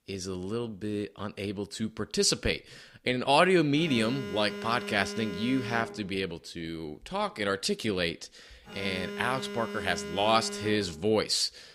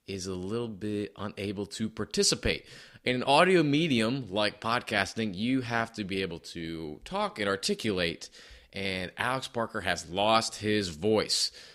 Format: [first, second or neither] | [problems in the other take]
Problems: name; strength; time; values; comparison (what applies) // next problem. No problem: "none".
second | alarm; noticeable; from 4 to 11 s; peak 9 dB below the speech